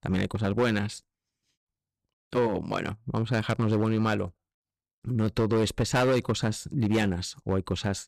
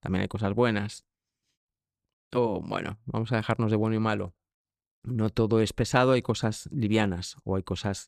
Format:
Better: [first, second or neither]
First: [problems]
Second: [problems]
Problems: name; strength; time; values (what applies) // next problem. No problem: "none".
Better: second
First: distortion; slight; 5% of the sound clipped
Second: none